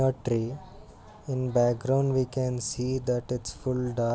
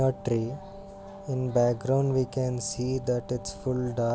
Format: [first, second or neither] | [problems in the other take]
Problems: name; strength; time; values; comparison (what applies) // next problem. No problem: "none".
first | background sound (Wind instrument, woodwind instrument); 17 dB below the speech